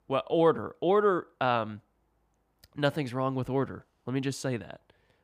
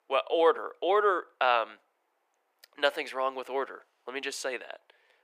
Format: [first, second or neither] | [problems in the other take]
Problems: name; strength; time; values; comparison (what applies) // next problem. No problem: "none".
first | thin; very; fading below 450 Hz